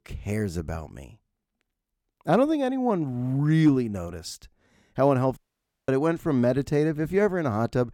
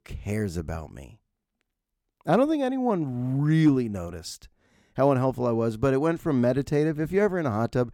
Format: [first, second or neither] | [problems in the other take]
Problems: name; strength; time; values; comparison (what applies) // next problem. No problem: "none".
second | audio cutting out; at 5.5 s for 0.5 s